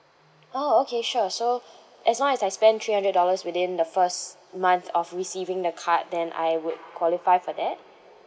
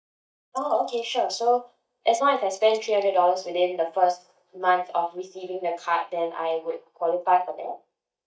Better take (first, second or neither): first